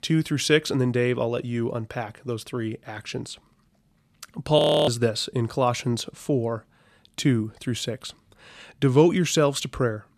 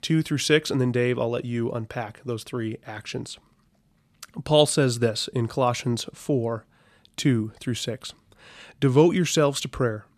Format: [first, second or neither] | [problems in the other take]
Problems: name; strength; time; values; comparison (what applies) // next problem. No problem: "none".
second | audio freezing; at 4.5 s